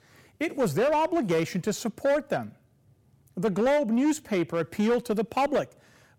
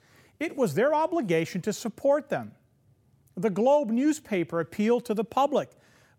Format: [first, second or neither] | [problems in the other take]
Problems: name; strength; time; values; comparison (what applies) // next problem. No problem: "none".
second | distortion; slight; 10% of the sound clipped